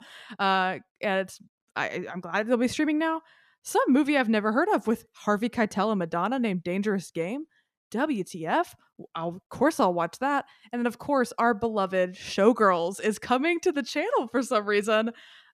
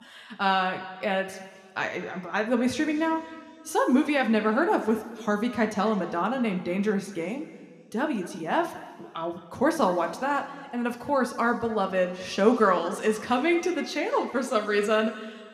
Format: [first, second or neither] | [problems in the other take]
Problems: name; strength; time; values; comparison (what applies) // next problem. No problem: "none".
first | room echo; slight; dies away in 1.7 s